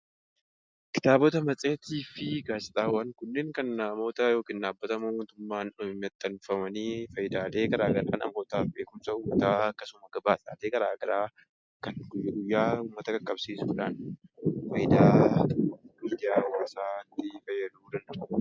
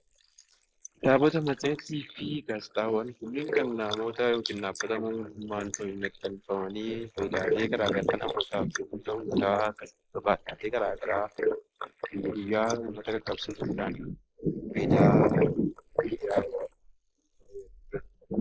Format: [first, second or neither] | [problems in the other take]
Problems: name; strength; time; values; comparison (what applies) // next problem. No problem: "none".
first | noise reduction (neural mask model Resemble Enhance denoiser)